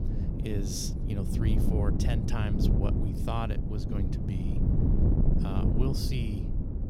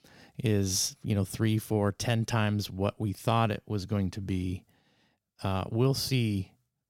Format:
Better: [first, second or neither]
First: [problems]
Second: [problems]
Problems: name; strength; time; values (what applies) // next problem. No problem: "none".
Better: second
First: wind noise on the microphone; heavy; 1 dB below the speech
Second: none